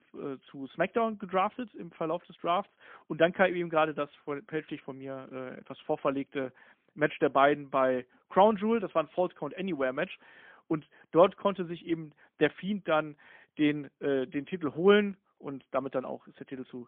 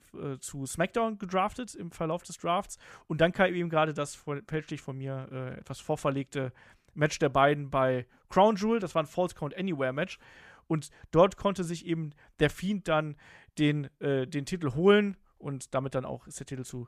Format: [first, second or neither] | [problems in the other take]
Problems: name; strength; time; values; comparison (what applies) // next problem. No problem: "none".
second | phone-call audio; poor line; nothing above 3.5 kHz